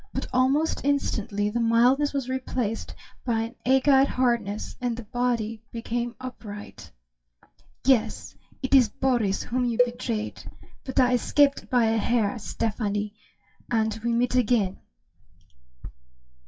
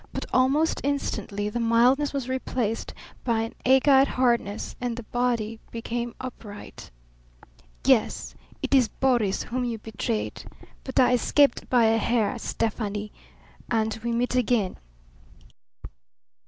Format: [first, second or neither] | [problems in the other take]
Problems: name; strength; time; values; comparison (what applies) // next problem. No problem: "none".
second | noise reduction (classical method WPE with log-MMSE)